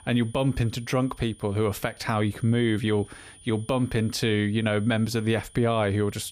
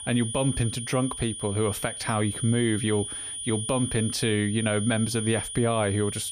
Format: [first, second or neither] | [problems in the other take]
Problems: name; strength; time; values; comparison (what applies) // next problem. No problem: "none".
first | high-pitched whine; loud; throughout; 9.5 kHz, 6 dB below the speech; faint in the first